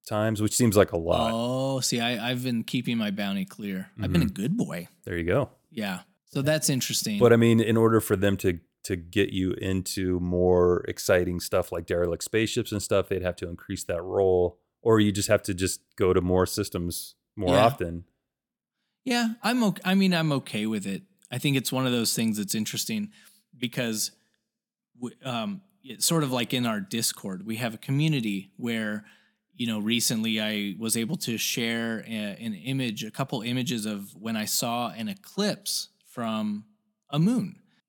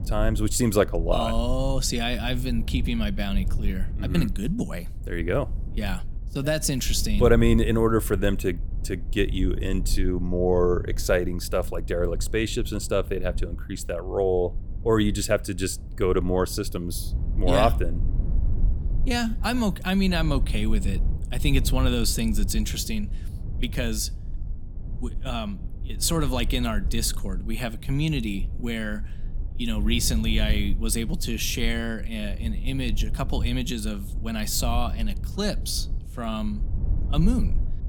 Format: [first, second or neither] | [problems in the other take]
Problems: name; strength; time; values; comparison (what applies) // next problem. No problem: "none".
first | low rumble; noticeable; throughout; 20 dB below the speech